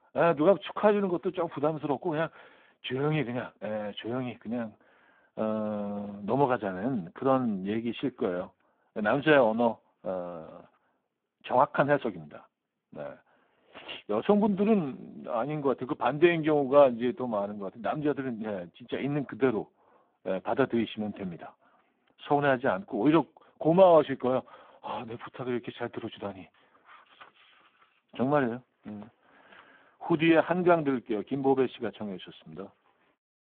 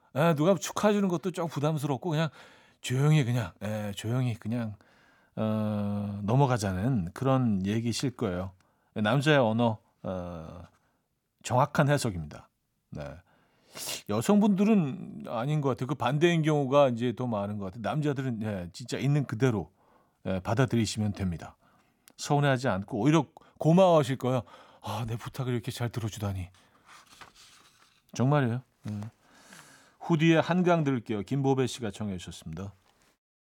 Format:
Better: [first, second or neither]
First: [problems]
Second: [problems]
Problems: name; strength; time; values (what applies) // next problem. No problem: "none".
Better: second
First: phone-call audio; poor line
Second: none